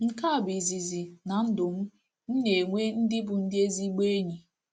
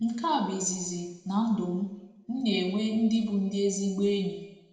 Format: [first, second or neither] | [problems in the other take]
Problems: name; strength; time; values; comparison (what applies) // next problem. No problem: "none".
first | room echo; dies away in 0.9 s